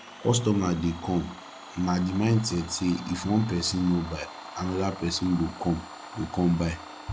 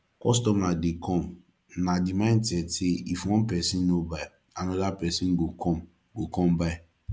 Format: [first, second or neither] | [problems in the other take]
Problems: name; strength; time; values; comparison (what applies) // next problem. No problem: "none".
second | background sound (Domestic sounds, home sounds); 15 dB below the speech